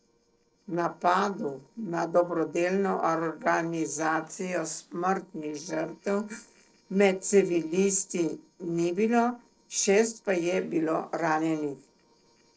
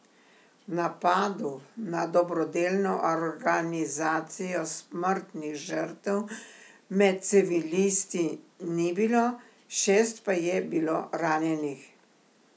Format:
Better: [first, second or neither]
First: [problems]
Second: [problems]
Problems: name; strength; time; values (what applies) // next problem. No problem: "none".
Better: second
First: noise reduction (neural separator model SepFormer DNS4)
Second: none